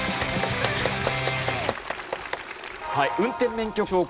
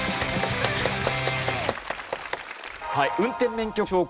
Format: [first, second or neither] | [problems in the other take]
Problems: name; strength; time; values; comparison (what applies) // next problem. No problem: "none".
second | background sound (Domestic sounds, home sounds + Sink (filling or washing) / Water tap, faucet); 19 dB below the speech